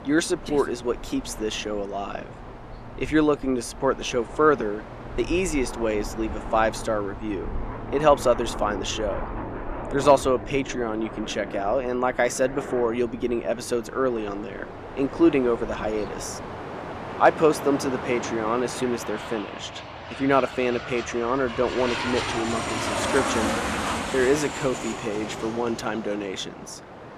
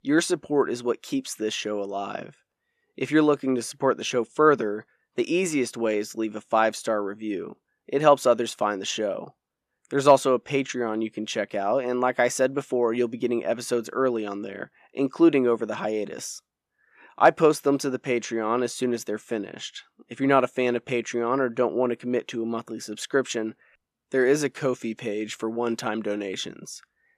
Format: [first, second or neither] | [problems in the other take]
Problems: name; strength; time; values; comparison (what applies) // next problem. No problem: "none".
second | train or aircraft noise; loud; throughout; 8 dB below the speech